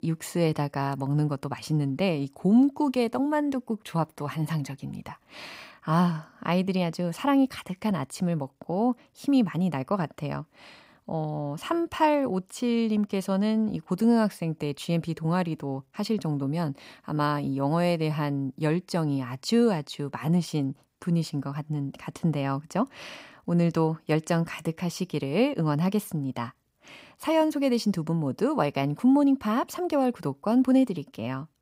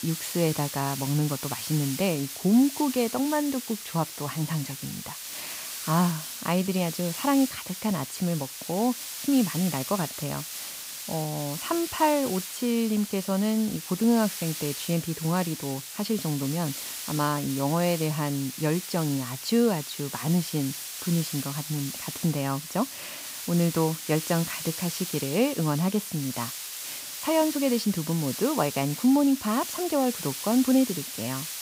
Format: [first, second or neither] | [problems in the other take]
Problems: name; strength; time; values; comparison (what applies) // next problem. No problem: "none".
first | hiss; loud; throughout; 7 dB below the speech